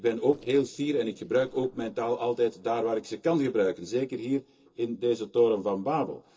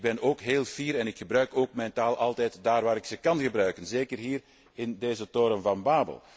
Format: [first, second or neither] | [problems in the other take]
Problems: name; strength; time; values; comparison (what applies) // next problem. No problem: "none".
second | noise reduction (neural separator model SepFormer DNS4)